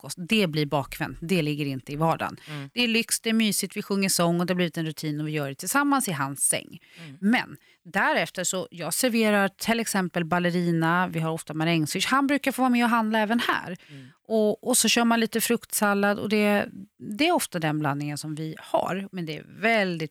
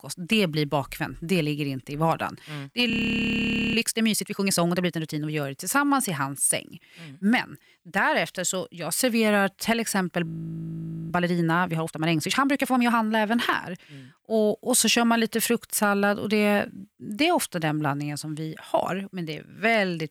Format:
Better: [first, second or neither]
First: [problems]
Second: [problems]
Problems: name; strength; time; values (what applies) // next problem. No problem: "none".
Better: first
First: none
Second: audio freezing; at 3 s for 1 s and at 10 s for 1 s